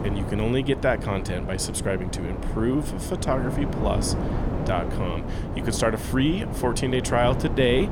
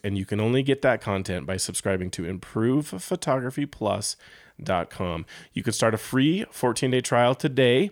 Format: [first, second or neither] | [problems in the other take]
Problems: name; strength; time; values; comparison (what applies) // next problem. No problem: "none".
second | wind noise on the microphone; heavy; 8 dB below the speech